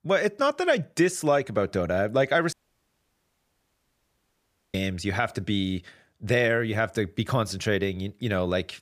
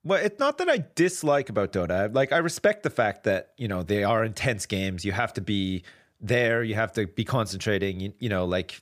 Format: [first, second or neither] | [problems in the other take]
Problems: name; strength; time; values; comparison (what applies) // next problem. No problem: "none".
second | audio cutting out; at 2.5 s for 2 s